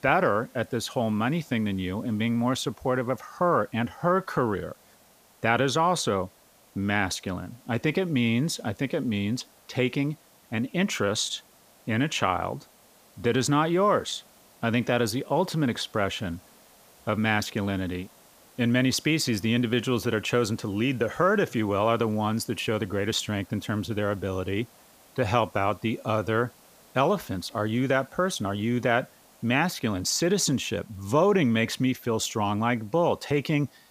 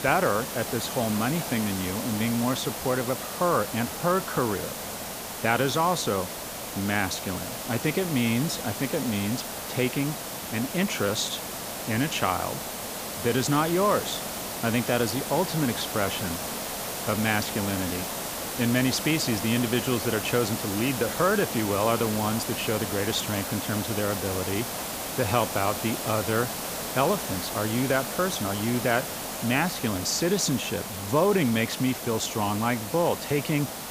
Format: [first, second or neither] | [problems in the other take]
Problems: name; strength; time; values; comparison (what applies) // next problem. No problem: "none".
first | hiss; loud; throughout; 5 dB below the speech; faint in the first